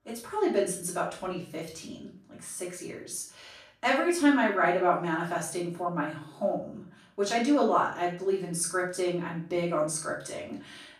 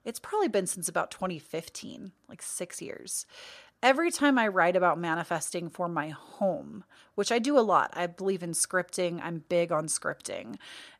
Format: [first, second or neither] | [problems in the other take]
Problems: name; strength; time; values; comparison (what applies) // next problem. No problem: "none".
second | off-mic speech; far // room echo; slight; dies away in 0.4 s